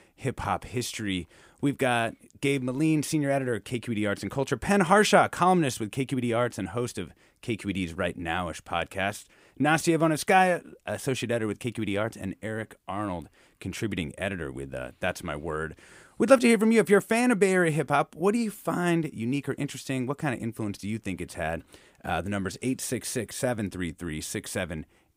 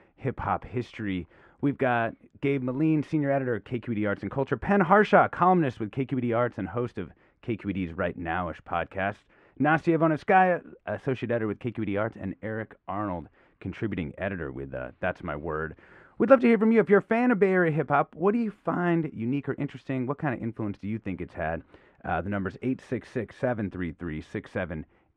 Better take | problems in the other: first | muffled; very; fading above 1.5 kHz

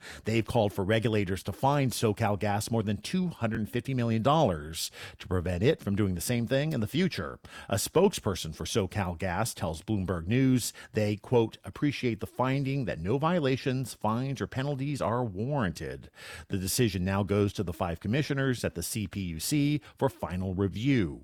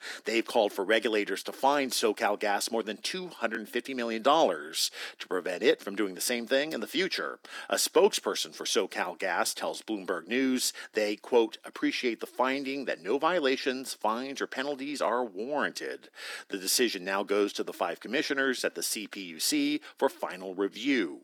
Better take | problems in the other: first | thin; somewhat; fading below 250 Hz

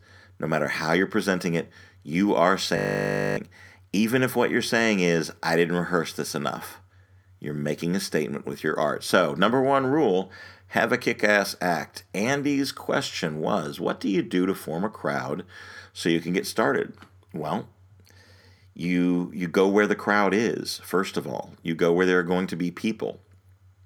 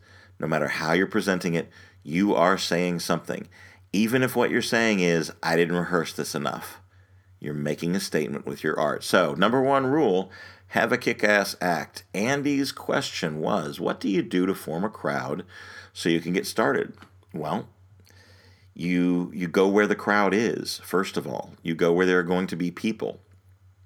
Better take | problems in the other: second | audio freezing; at 3 s for 0.5 s

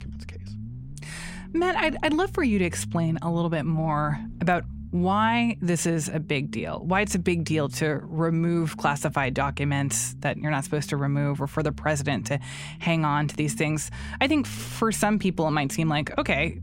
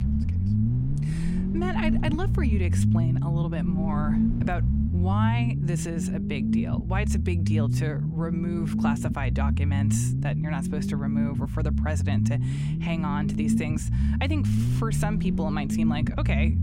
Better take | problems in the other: first | low rumble; loud; throughout; 1 dB below the speech; faint in the first

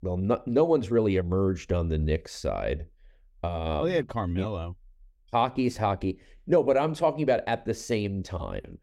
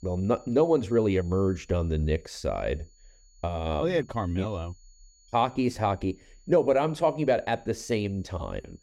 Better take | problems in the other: first | high-pitched whine; faint; throughout; 7 kHz, 35 dB below the speech

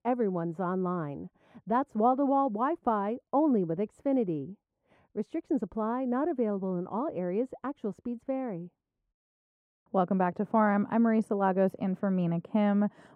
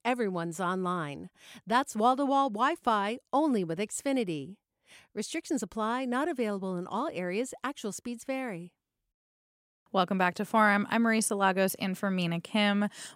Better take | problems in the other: second | muffled; very; fading above 2 kHz

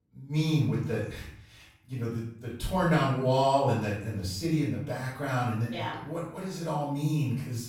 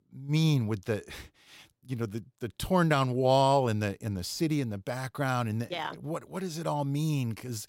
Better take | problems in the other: second | off-mic speech; far // room echo; noticeable; dies away in 0.6 s

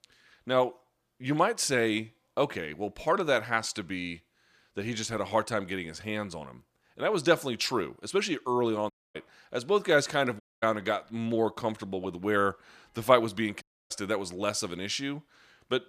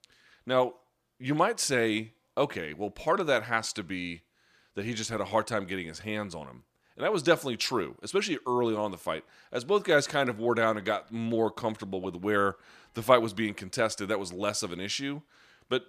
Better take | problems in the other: second | audio cutting out; at 9 s, at 10 s and at 14 s

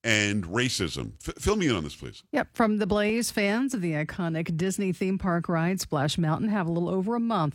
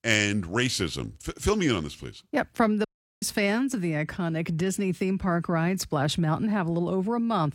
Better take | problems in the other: first | audio cutting out; at 3 s

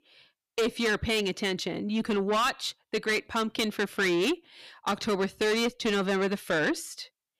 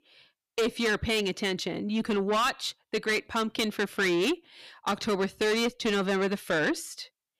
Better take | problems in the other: neither | distortion; heavy; 8 dB below the speech; the same in both

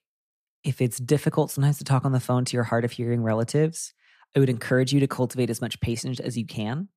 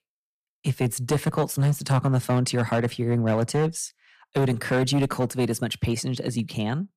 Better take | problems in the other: first | distortion; slight; 7% of the sound clipped

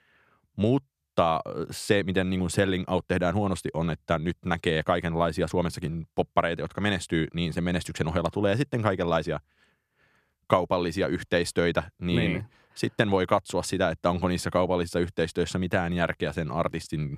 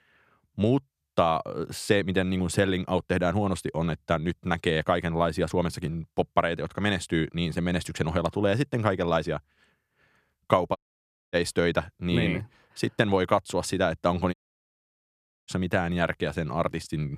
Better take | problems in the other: first | audio cutting out; at 11 s for 0.5 s and at 14 s for 1 s

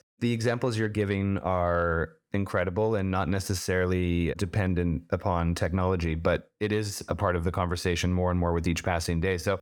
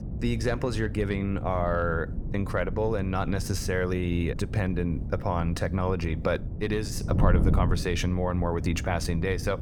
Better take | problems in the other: first | wind noise on the microphone; occasional gusts; 15 dB below the speech

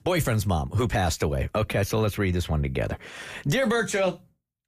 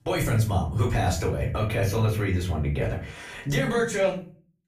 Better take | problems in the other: first | room echo; slight; dies away in 0.3 s // off-mic speech; far

